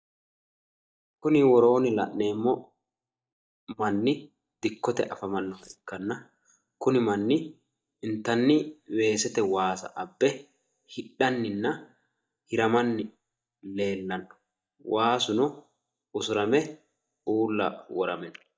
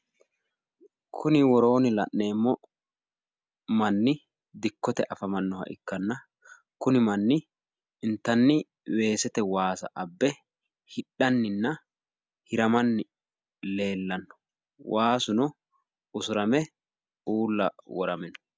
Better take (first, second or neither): second